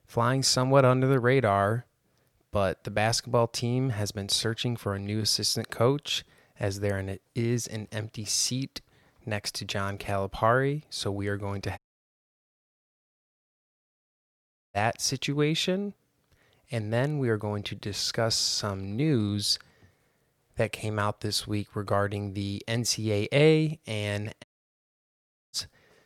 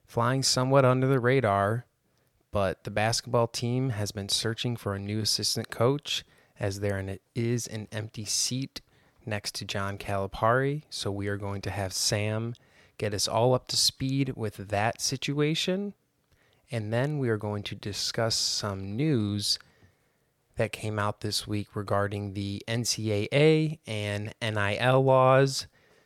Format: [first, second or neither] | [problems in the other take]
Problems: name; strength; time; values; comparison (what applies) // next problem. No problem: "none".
second | audio cutting out; at 12 s for 3 s and at 24 s for 1 s